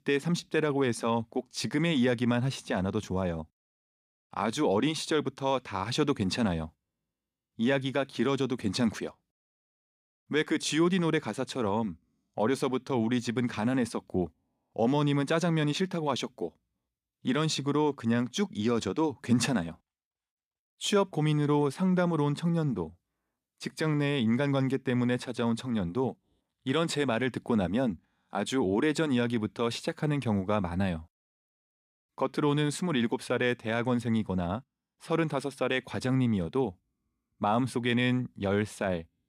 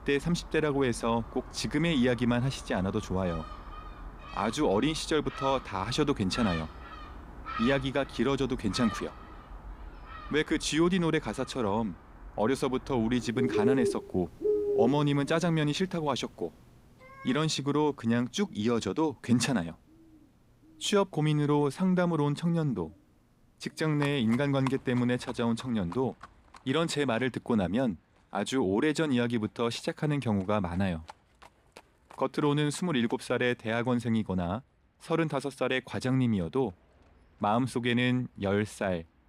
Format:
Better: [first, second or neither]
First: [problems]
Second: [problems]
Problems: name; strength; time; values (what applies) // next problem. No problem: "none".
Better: first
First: none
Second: animal sounds; loud; throughout; 10 dB below the speech